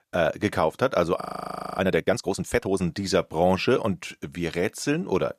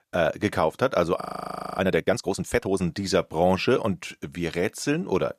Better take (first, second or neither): neither